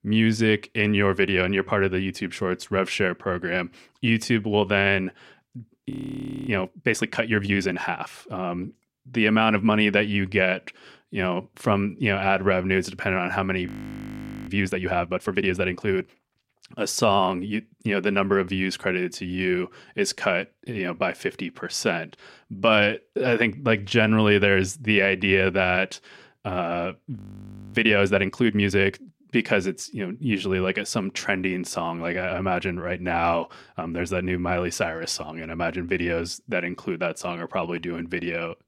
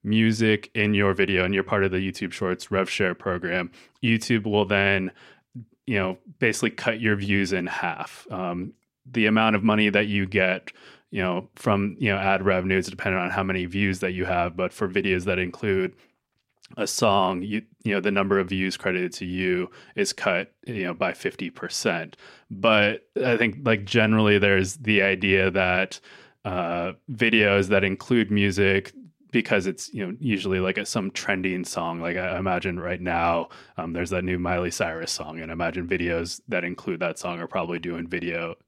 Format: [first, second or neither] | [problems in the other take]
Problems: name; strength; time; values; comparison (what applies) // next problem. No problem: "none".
second | audio freezing; at 6 s for 0.5 s, at 14 s for 1 s and at 27 s for 0.5 s